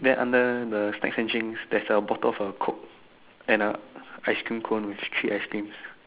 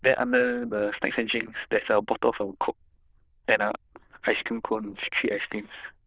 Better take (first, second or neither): first